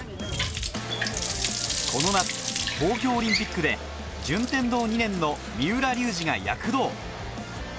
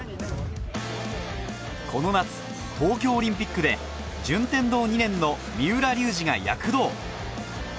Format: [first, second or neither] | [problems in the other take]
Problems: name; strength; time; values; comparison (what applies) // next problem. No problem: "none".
second | background sound (Water tap, faucet); 6 dB below the speech